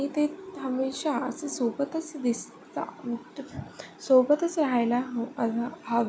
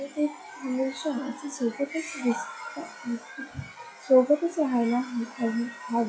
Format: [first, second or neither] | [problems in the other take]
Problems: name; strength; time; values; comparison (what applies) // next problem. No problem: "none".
first | noise reduction (classical method log-MMSE)